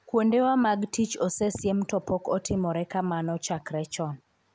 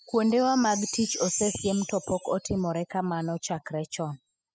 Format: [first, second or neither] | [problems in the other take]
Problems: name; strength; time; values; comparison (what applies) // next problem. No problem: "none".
first | noise reduction (classical method spectral subtraction)